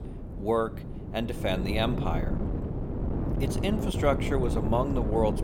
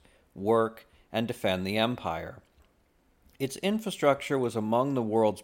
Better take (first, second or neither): second